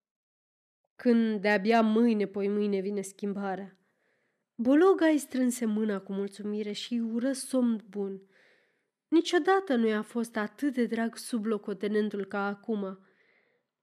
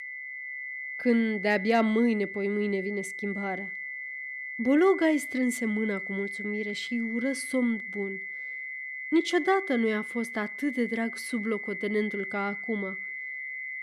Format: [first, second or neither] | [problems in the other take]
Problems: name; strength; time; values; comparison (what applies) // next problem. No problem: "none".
first | high-pitched whine; loud; throughout; 2 kHz, 6 dB below the speech